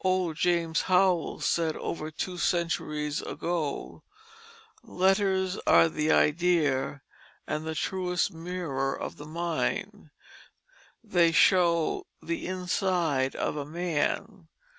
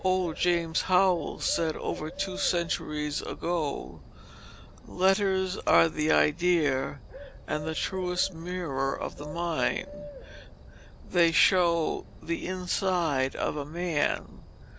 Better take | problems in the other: first | background sound (Bird); 15 dB below the speech

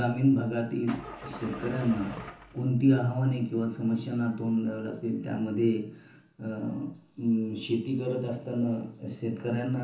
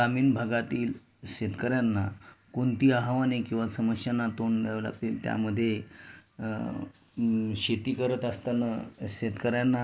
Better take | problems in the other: second | background sound (Engine starting / Car); 13 dB below the speech // room echo; dies away in 0.7 s

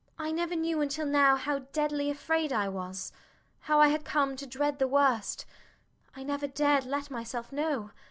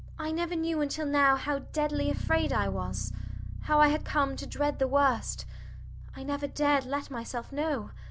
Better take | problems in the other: first | background sound (Bass guitar); 8 dB below the speech

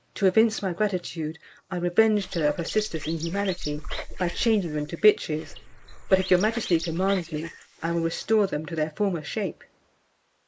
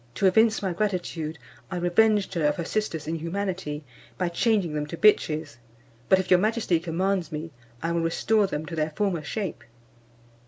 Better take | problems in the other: second | noise reduction (neural mask model Resemble Enhance denoiser)

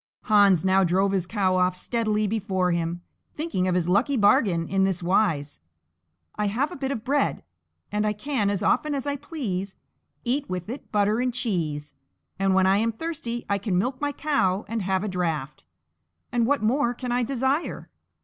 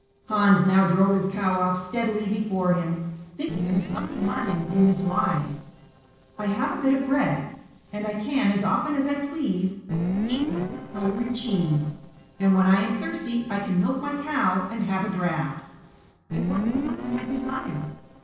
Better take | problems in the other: first | noise reduction (neural separator model SepFormer DNS4)

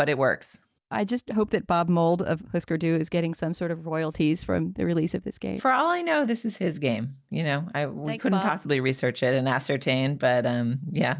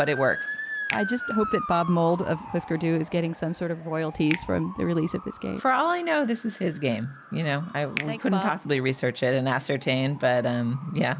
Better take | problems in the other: first | background sound (Finger snapping + Motor vehicle (road) / Siren); 12 dB below the speech

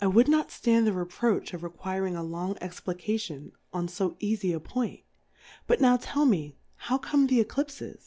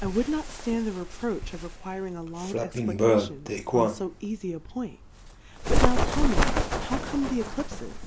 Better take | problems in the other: first | background sound (Bird); 5 dB above the speech

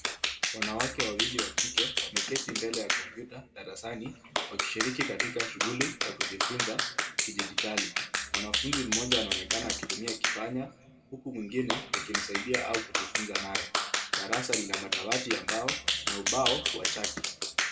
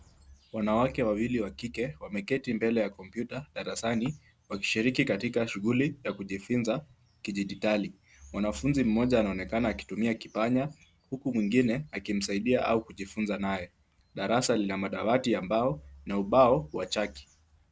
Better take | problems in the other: second | background sound (Clapping); 4 dB above the speech // room echo; dies away in 1.5 s

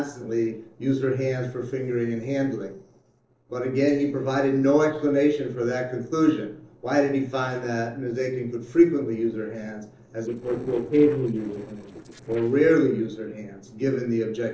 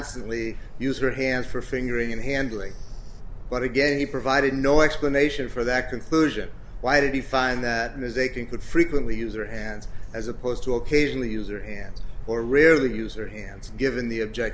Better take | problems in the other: second | noise reduction (neural separator model SepFormer DNS4)

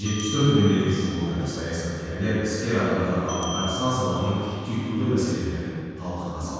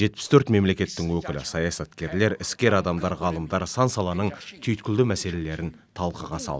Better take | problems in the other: second | background sound (Bell); 14 dB below the speech // room echo; dies away in 2.1 s

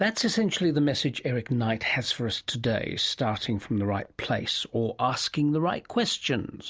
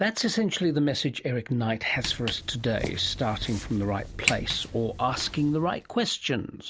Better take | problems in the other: first | background sound (Walk, footsteps); 8 dB below the speech

